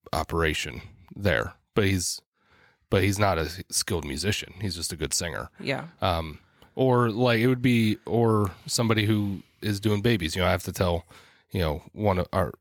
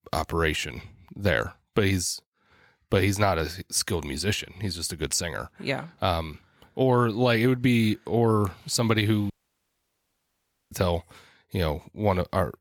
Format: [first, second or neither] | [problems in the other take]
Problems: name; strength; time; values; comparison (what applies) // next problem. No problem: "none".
first | audio cutting out; at 9.5 s for 1.5 s